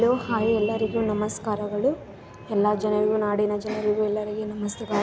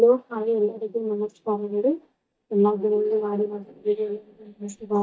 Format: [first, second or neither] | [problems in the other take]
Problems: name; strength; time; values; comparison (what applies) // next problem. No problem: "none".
first | noise reduction (neural mask model DeepFilterNet 3)